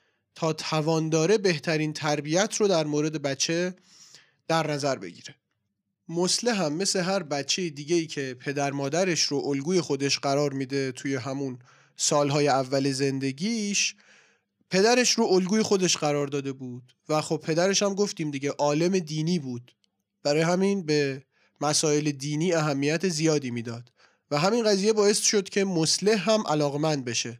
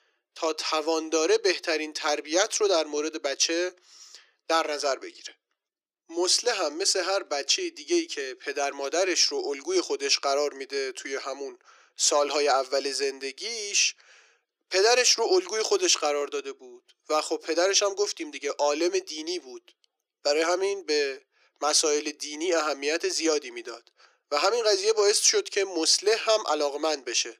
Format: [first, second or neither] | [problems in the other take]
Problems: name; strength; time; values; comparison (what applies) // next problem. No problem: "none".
first | thin; very; fading below 350 Hz